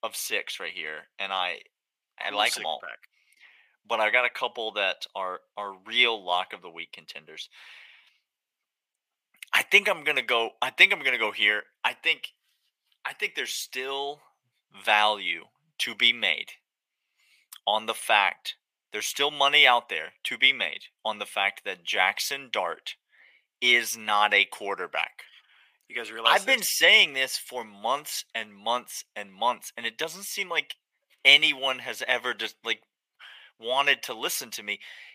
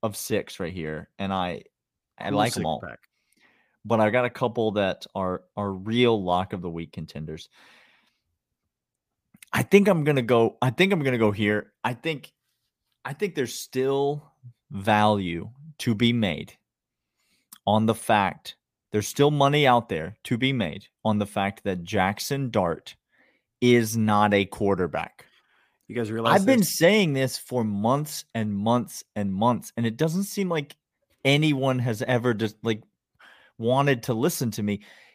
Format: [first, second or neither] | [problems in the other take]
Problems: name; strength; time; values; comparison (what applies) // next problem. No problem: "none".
second | thin; very; fading below 800 Hz